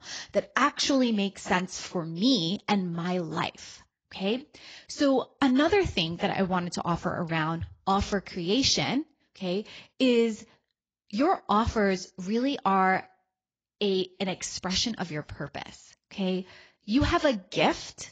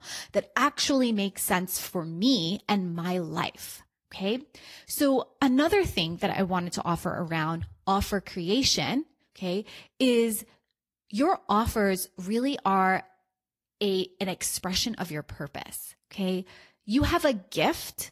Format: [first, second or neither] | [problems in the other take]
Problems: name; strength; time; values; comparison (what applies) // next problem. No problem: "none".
second | garbled, watery; badly; slightly in the second